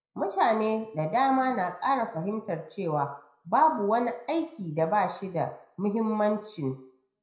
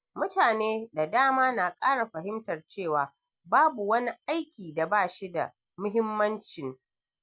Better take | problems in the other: second | room echo; dies away in 0.5 s

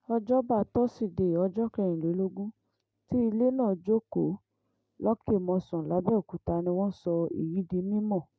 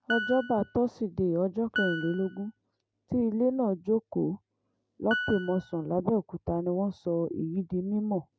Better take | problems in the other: first | background sound (Piano); 8 dB below the speech

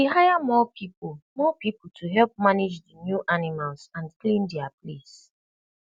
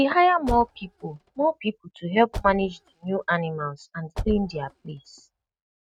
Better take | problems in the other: first | noise reduction (neural mask model RNNoise)

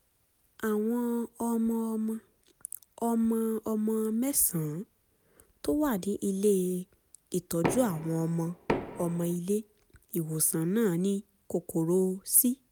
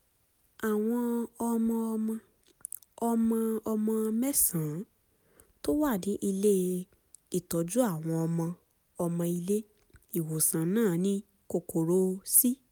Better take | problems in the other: second | background sound (Knock); 6 dB below the speech

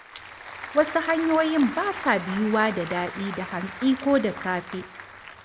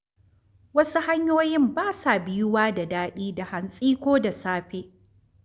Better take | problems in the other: second | background sound (Applause / Crowd); 12 dB below the speech

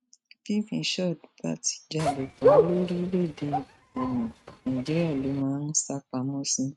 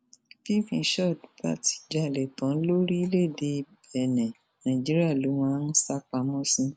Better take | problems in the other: second | noise reduction (neural mask model RNNoise)

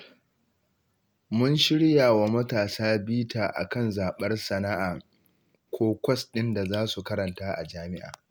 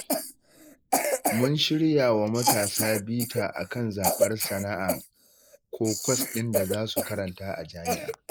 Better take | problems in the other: first | noise reduction (neural mask model Resemble Enhance denoiser)

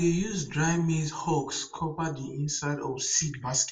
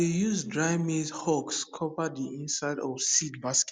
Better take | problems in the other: second | room echo; dies away in 0.2 s

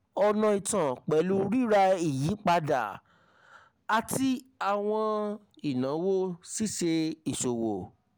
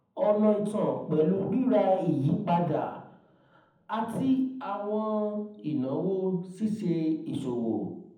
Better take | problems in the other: first | room echo; dies away in 0.8 s

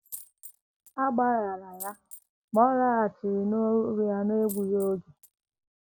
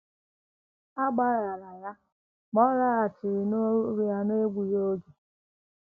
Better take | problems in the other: second | background sound (Coin (dropping)); 20 dB below the speech

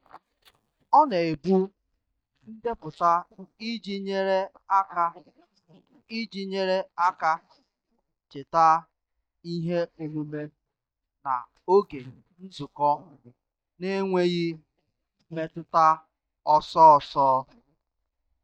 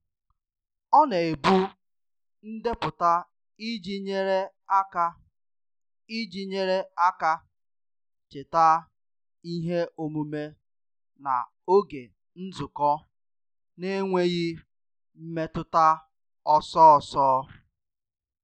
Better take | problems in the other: second | noise reduction (neural mask model DeepFilterNet 3)

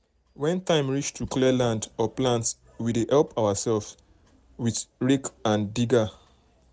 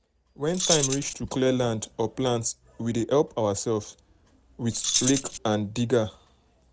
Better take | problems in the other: first | background sound (Keys jangling); as loud as the speech

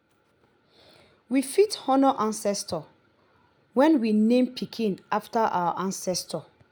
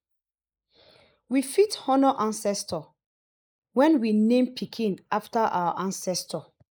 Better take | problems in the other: first | noise reduction (neural mask model Resemble Enhance denoiser)

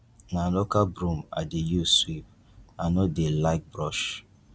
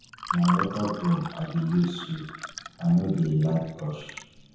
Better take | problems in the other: first | background sound (Fill (with liquid) / Water); 10 dB below the speech // room echo; dies away in 0.9 s

